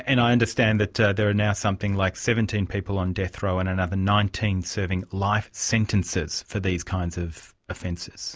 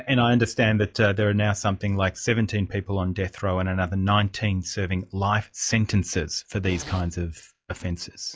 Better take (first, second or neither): first